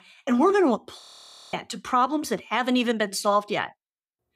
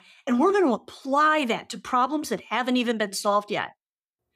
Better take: second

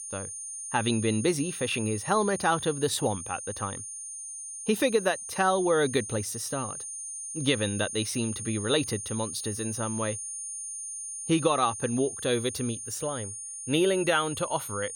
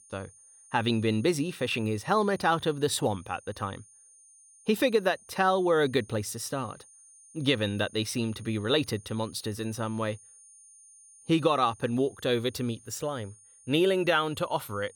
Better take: second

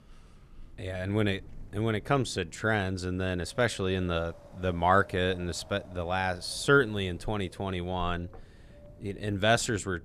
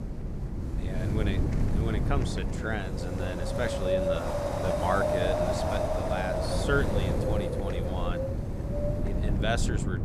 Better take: first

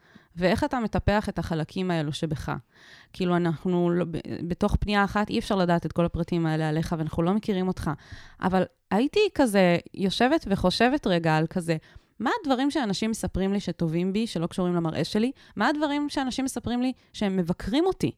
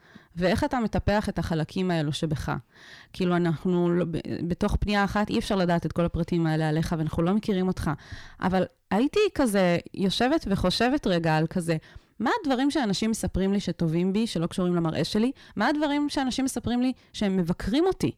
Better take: first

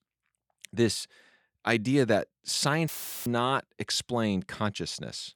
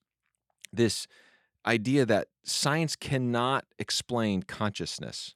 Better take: second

